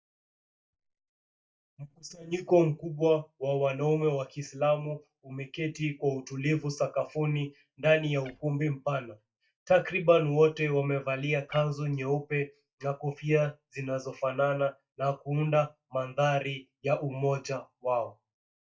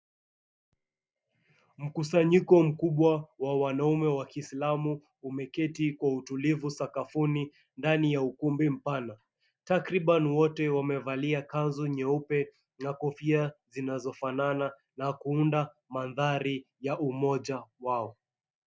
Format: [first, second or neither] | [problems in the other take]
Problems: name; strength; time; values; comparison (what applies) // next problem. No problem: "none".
second | noise reduction (neural mask model DeepFilterNet 3)